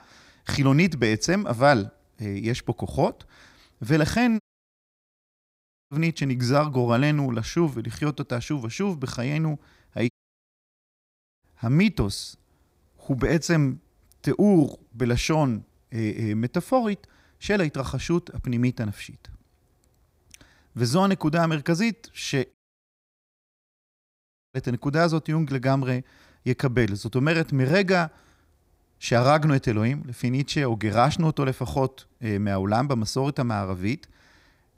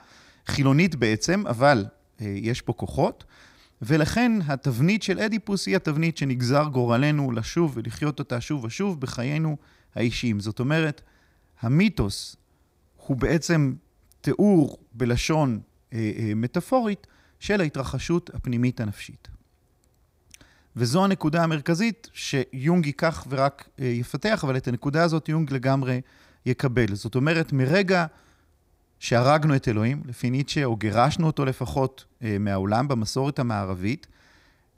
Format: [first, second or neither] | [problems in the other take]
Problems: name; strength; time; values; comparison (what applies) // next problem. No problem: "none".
second | audio cutting out; at 4.5 s for 1.5 s, at 10 s for 1.5 s and at 23 s for 2 s